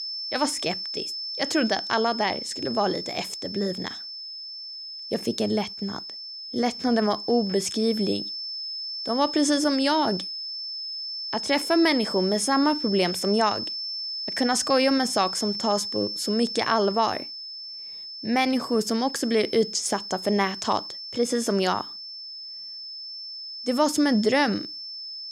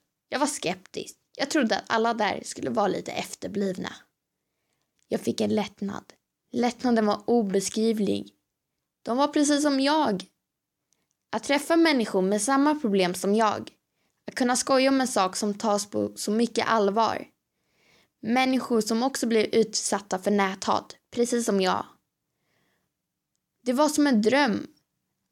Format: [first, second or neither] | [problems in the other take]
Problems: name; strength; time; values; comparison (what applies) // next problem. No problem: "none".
second | high-pitched whine; loud; throughout; 5.5 kHz, 7 dB below the speech